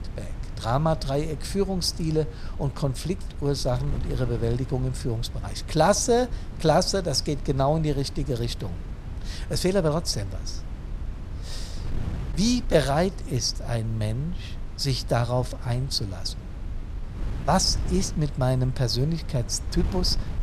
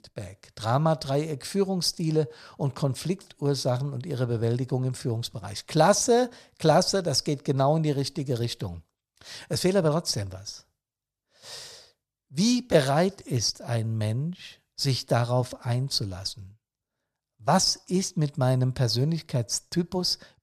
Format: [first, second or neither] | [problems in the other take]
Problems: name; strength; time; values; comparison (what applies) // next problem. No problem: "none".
second | wind noise on the microphone; occasional gusts; 20 dB below the speech